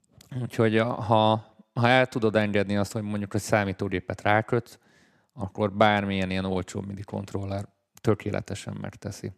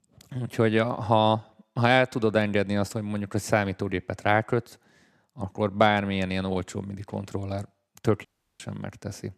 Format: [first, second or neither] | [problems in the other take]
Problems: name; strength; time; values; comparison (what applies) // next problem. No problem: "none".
first | audio cutting out; at 8.5 s